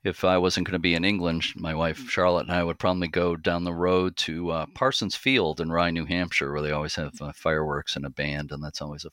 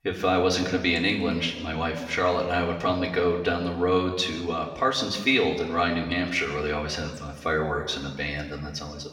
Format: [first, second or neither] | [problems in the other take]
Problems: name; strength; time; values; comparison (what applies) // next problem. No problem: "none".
first | room echo; slight; dies away in 1.1 s // off-mic speech; somewhat distant